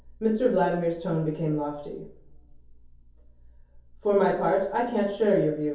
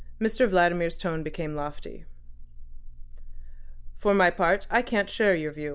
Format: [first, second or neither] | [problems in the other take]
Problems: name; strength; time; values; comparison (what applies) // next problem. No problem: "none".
second | room echo; dies away in 0.6 s